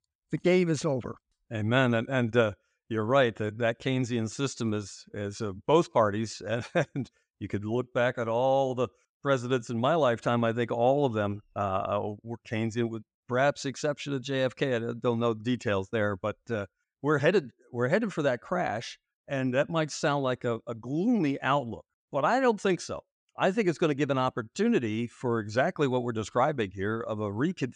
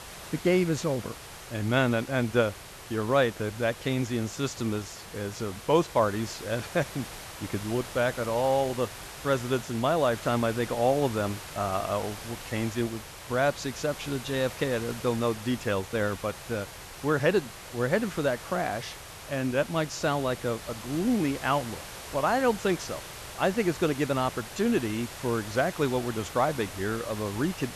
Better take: first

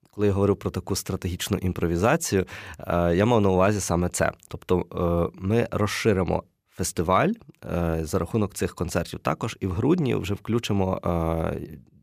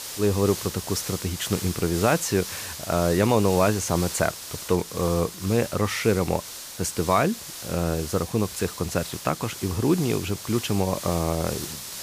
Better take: first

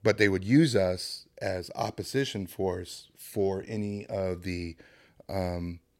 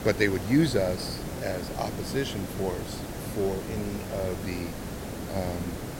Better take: first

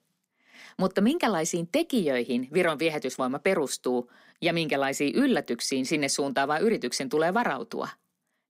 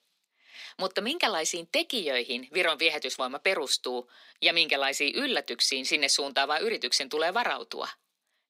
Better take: first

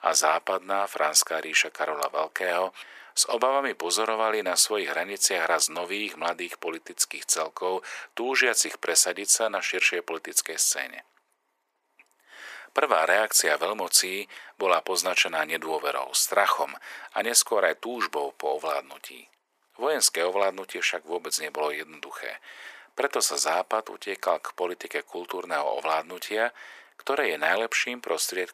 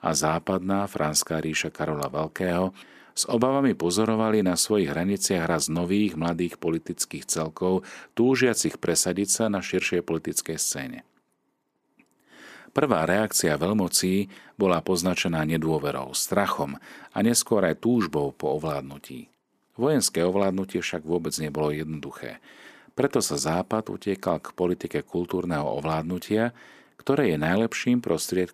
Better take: second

